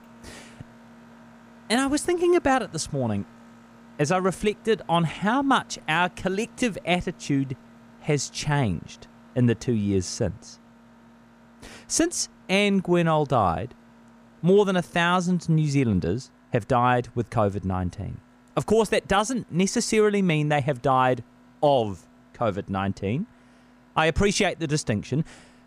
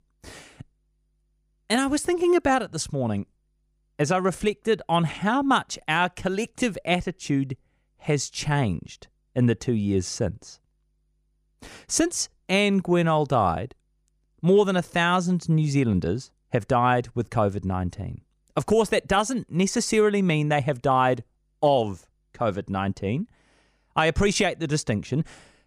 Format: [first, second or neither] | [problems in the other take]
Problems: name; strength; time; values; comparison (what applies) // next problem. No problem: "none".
second | machinery noise; faint; throughout; 30 dB below the speech